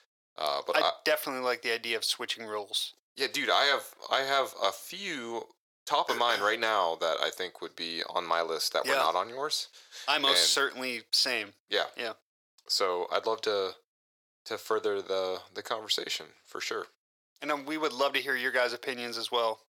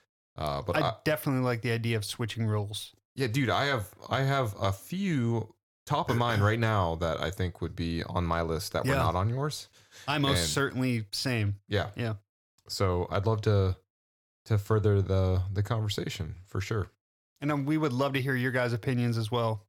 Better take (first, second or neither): second